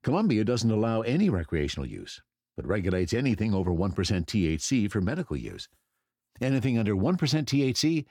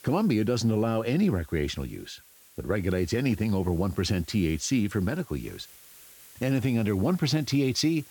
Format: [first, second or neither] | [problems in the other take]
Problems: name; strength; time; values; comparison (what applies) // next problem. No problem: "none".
first | hiss; faint; throughout; 25 dB below the speech